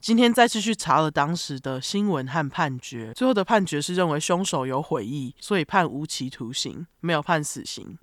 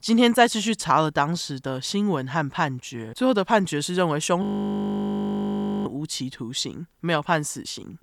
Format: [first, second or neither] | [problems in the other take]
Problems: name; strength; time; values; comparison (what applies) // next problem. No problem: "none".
first | audio freezing; at 4.5 s for 1.5 s